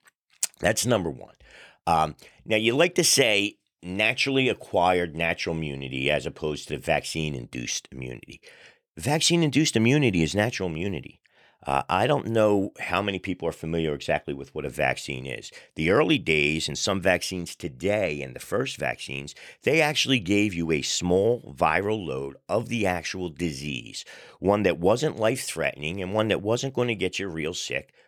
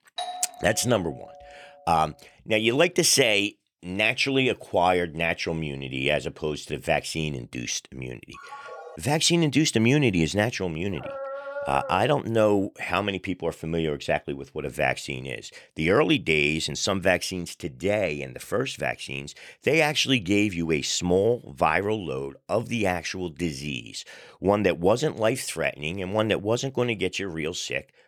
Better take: first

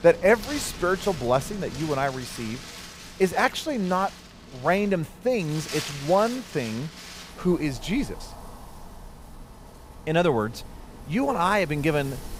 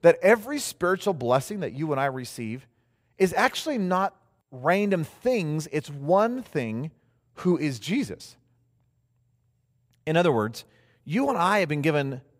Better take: second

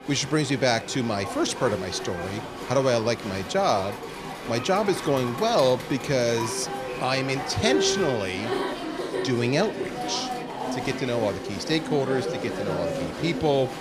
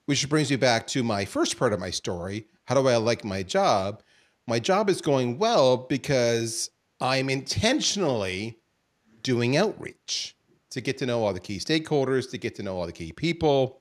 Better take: second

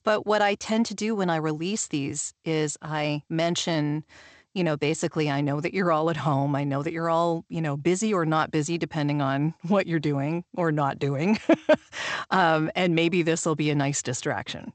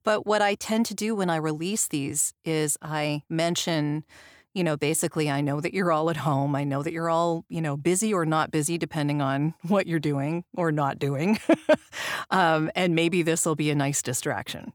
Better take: second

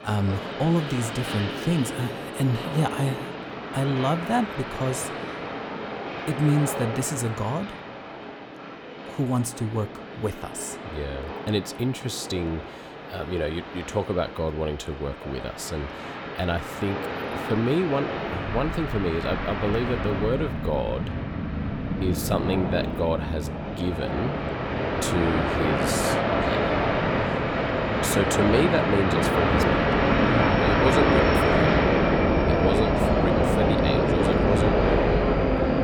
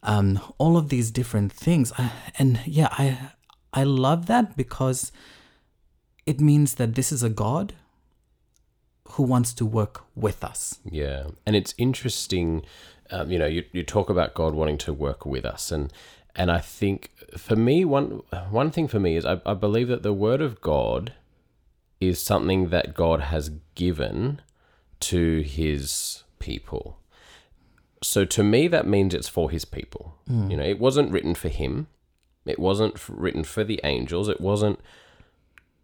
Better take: second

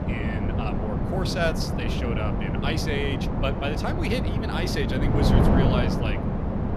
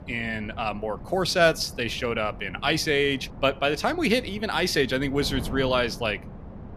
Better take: second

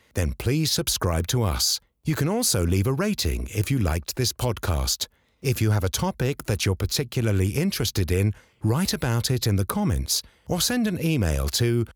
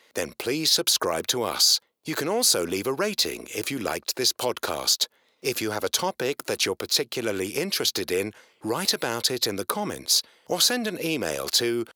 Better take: first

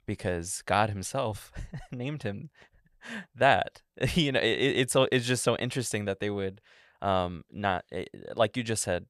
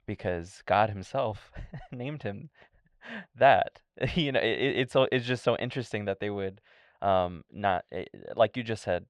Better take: first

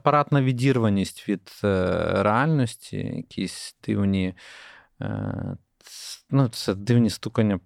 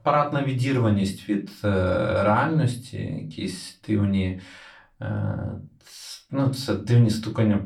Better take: first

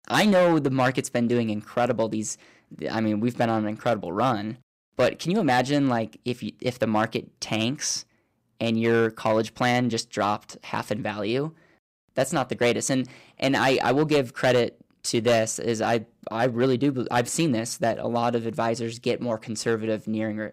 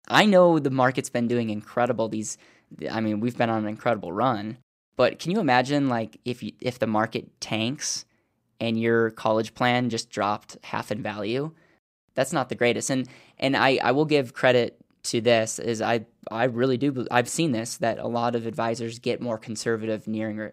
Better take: second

